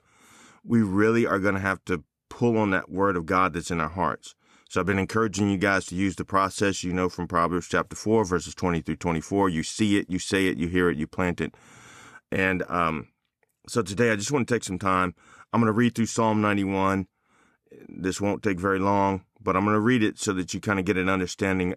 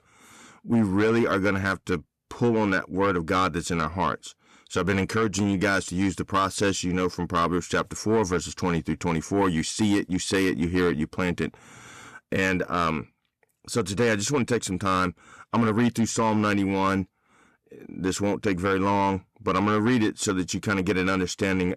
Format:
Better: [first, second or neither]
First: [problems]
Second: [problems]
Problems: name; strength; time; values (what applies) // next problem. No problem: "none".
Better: first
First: none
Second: distortion; slight; 10 dB below the speech